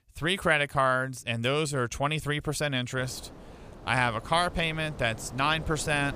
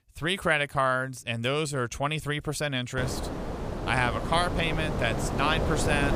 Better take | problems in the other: first | wind noise on the microphone; heavy; from 3 s on; 7 dB below the speech; occasional gusts in the first

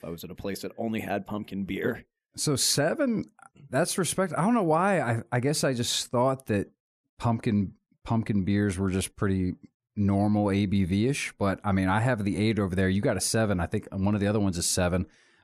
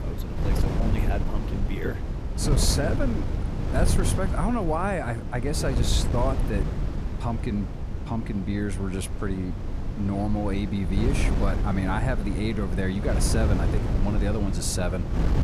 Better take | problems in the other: first | wind noise on the microphone; heavy; 6 dB below the speech

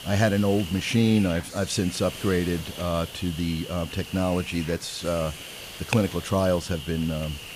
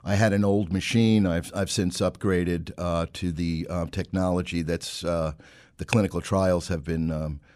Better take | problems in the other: second | hiss; noticeable; throughout; 10 dB below the speech

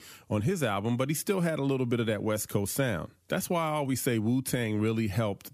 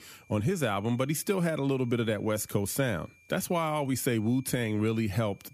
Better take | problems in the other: first | high-pitched whine; faint; throughout; 2.5 kHz, 30 dB below the speech

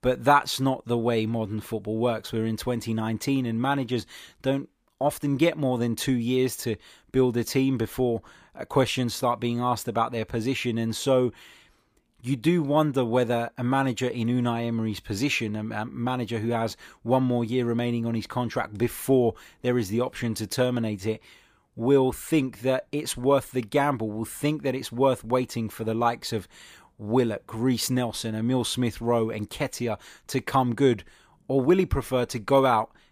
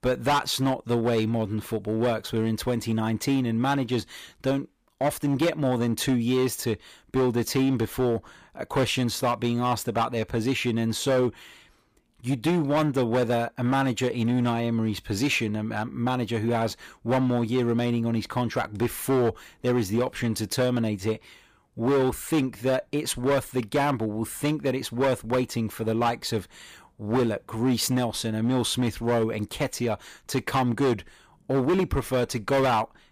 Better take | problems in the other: first | distortion; slight; 9% of the sound clipped

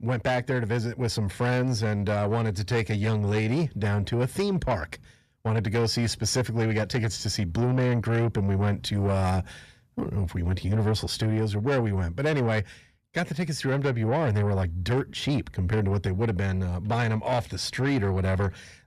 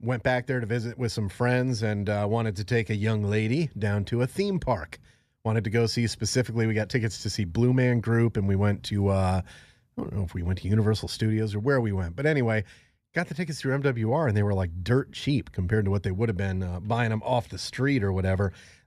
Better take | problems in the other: second | distortion; slight; 10 dB below the speech

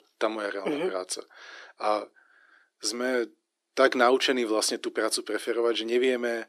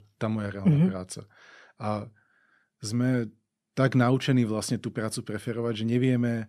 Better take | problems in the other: second | thin; very; fading below 350 Hz

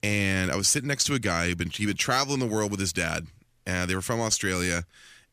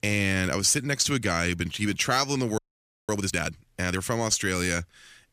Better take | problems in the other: first | audio freezing; at 2.5 s for 0.5 s

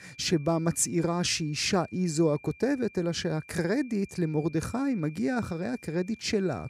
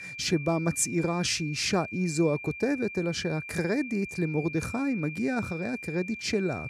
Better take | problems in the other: first | high-pitched whine; loud; throughout; 2.5 kHz, 10 dB below the speech; faint in the first

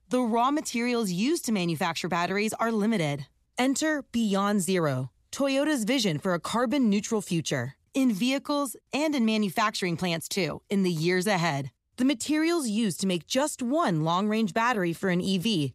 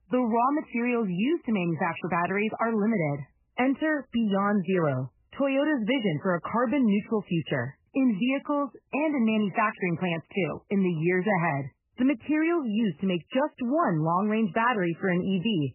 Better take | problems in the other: first | garbled, watery; badly; nothing above 3 kHz

